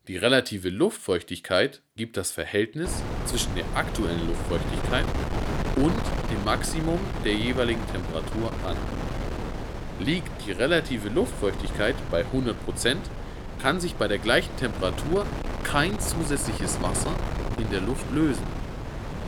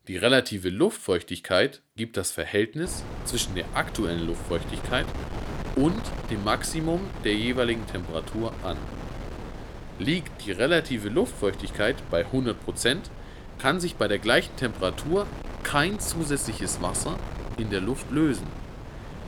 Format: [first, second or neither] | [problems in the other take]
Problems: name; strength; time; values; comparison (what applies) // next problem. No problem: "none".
second | wind noise on the microphone; heavy; from 3 s on; 8 dB below the speech; occasional gusts in the second